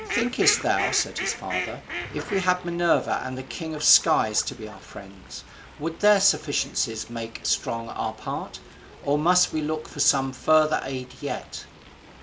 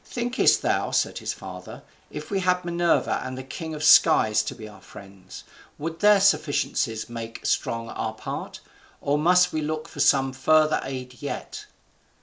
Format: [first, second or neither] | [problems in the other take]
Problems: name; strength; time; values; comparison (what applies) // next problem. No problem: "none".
second | background sound (Fowl); 12 dB below the speech